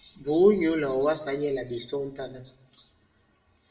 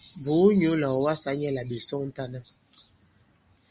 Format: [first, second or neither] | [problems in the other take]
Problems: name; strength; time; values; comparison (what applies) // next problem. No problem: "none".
second | room echo; dies away in 0.5 s